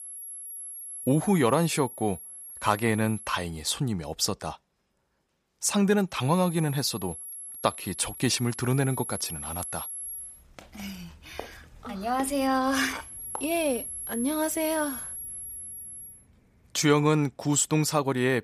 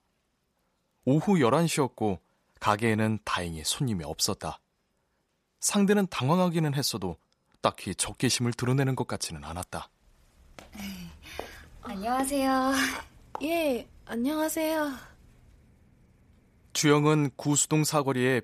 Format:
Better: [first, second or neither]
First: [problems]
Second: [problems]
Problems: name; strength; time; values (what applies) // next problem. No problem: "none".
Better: second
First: high-pitched whine; loud; until 3.5 s, from 6 to 10 s and from 13 to 16 s; 11.5 kHz, 10 dB below the speech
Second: none